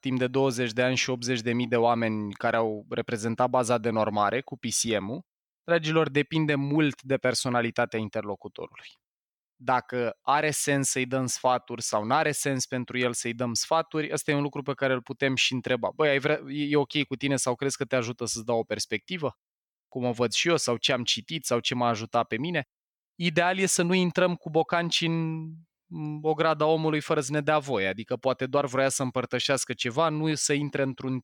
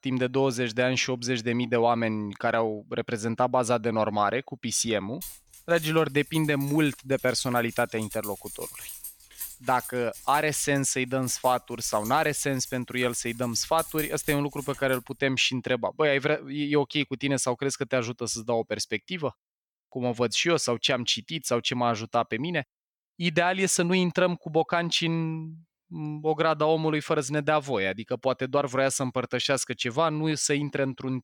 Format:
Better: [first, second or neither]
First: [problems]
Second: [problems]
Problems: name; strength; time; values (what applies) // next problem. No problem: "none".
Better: first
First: none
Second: jangling keys; noticeable; from 5 to 15 s; peak 8 dB below the speech